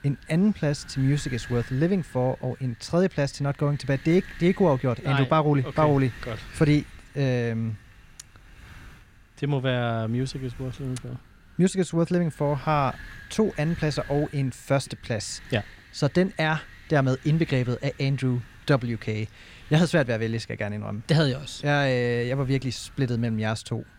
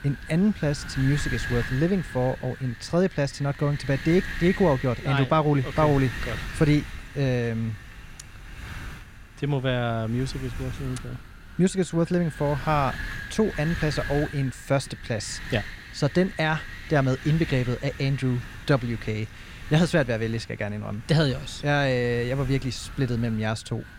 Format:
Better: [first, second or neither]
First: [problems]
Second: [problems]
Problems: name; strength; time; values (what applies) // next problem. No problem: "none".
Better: first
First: wind noise on the microphone; occasional gusts; 20 dB below the speech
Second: wind noise on the microphone; heavy; 10 dB below the speech